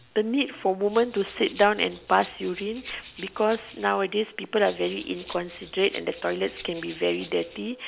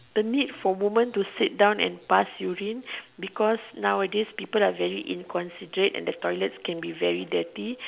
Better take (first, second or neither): second